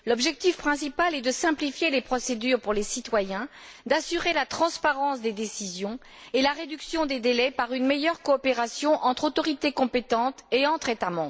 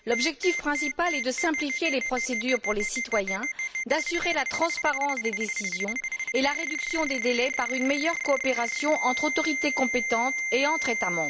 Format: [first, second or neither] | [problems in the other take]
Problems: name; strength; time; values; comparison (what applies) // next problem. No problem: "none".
first | background sound (Ringtone); 3 dB below the speech